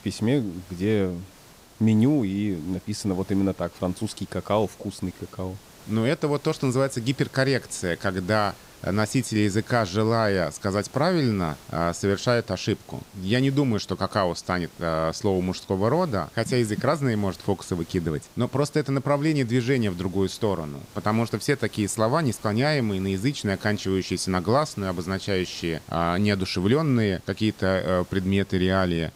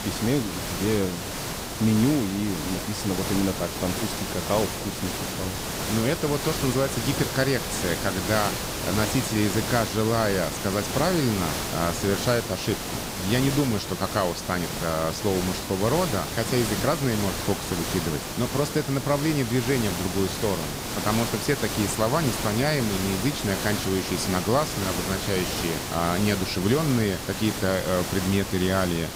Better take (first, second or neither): first